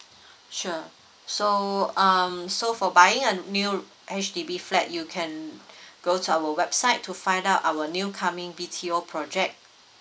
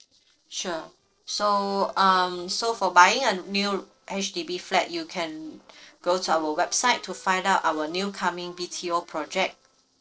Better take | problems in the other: first | noise reduction (neural separator model SepFormer DNS4)

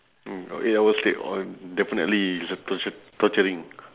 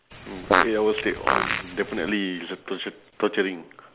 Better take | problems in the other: first | background sound (Fart); 2 dB above the speech

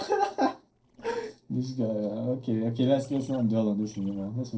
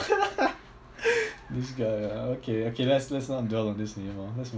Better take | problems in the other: second | noise reduction (neural separator model SepFormer DNS4)

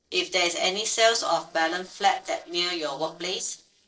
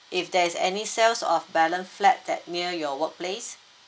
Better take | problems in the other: second | noise reduction (neural separator model SepFormer DNS4)

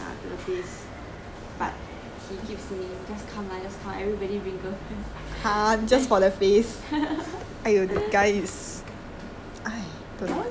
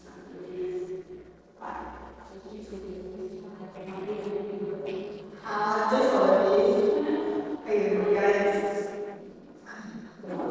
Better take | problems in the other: first | noise reduction (neural separator model SepFormer DNS4)

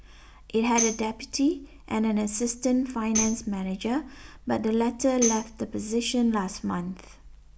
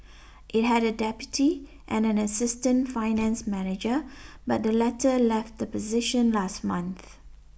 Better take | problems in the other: second | background sound (Tambourine); 8 dB below the speech

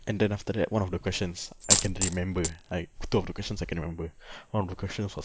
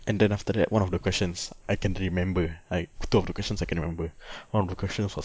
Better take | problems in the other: second | background sound (Coin (dropping)); 2 dB above the speech

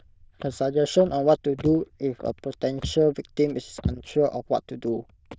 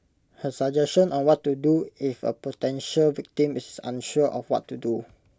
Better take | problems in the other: second | noise reduction (neural diffusion model UNIVERSE++)

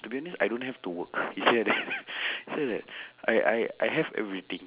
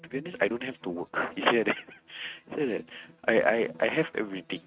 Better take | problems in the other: first | noise reduction (neural mask model RNNoise)

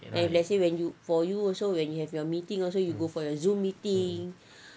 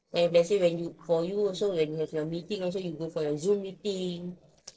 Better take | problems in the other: first | noise reduction (neural separator model SepFormer DNS4)

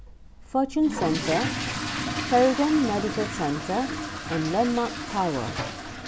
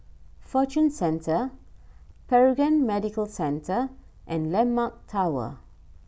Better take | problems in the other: second | background sound (Fill (with liquid) / Toilet flush); 5 dB below the speech

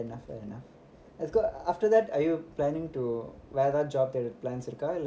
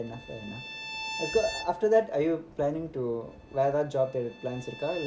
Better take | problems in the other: first | background sound (Bowed string instrument); 13 dB below the speech

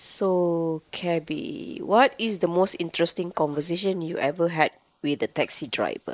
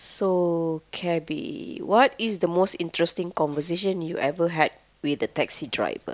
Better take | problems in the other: second | noise reduction (neural mask model Resemble Enhance denoiser)

